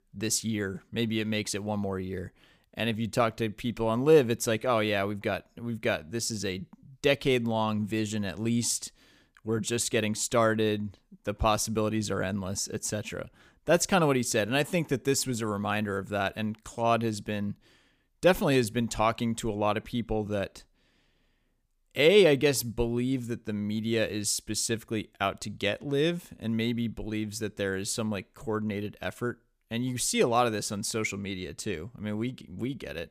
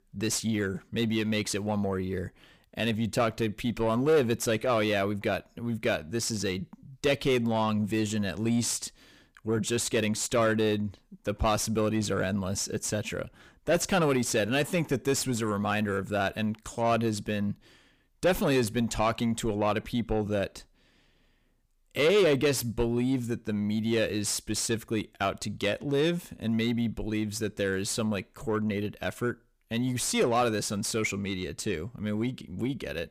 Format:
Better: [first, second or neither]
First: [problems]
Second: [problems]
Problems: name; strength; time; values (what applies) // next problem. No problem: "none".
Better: first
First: none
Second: distortion; slight; 10 dB below the speech